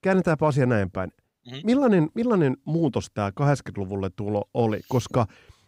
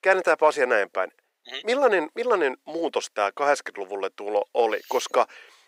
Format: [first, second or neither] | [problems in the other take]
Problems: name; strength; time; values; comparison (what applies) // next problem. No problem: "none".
first | thin; very; fading below 450 Hz